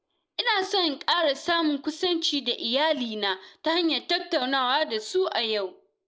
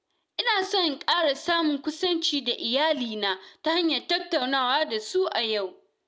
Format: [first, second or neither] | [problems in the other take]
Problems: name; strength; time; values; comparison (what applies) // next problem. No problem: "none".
second | noise reduction (neural mask model Resemble Enhance denoiser)